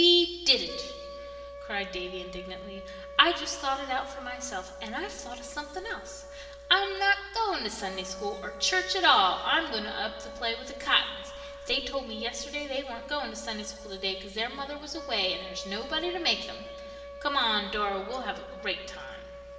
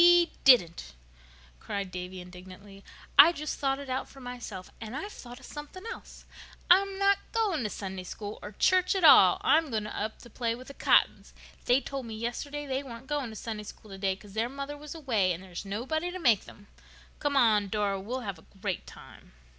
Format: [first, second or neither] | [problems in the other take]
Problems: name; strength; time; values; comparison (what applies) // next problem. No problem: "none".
second | background sound (Wind instrument, woodwind instrument); 13 dB below the speech // room echo; dies away in 2.8 s